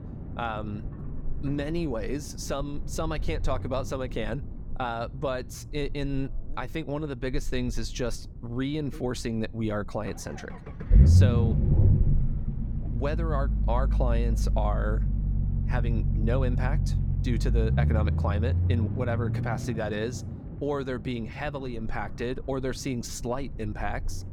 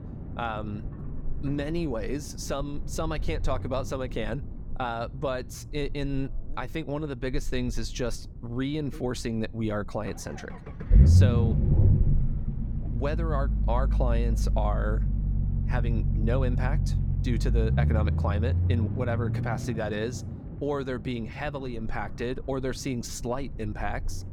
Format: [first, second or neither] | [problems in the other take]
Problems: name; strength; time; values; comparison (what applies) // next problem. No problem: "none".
neither | low rumble; loud; throughout; 8 dB below the speech; the same in both